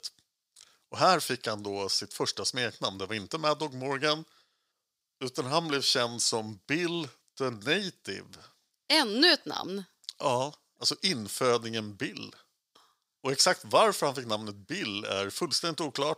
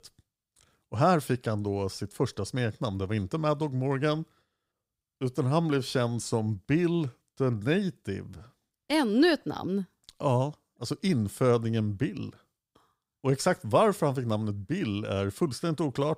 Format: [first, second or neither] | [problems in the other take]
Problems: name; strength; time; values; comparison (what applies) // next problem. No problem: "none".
second | thin; somewhat; fading below 850 Hz